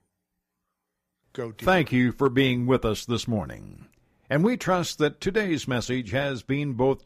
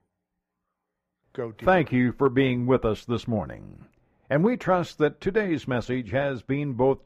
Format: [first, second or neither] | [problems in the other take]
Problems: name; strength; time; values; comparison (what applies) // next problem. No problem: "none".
first | muffled; slightly; fading above 3.5 kHz